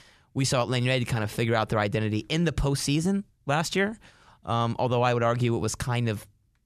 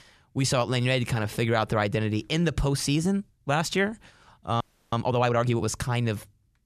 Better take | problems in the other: first | audio freezing; at 4.5 s

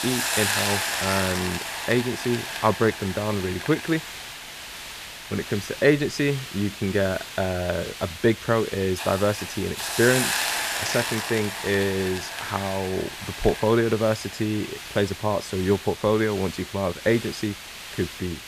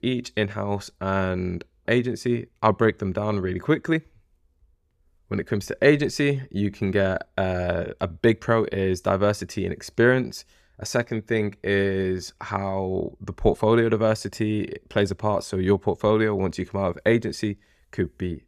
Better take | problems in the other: second | hiss; loud; throughout; 5 dB below the speech

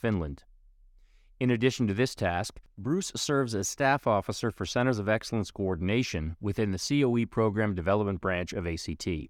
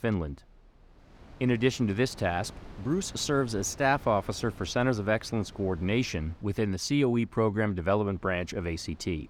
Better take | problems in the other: first | wind noise on the microphone; occasional gusts; 25 dB below the speech

